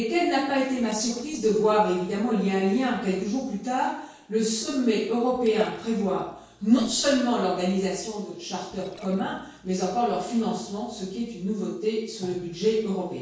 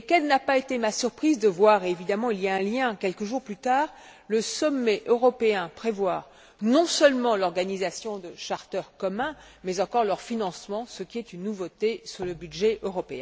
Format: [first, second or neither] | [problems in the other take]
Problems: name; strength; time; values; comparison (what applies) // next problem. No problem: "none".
second | noise reduction (neural separator model SepFormer DNS4)